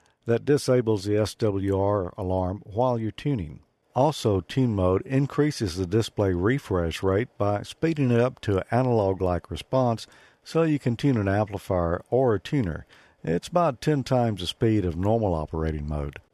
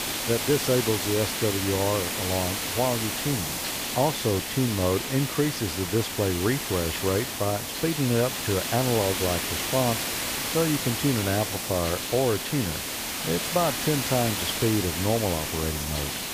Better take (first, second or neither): first